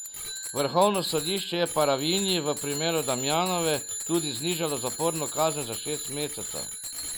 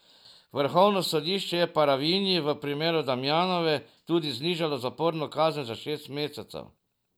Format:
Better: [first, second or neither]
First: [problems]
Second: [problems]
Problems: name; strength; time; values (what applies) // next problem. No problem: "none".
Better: second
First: background sound (Bicycle bell); 7 dB below the speech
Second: none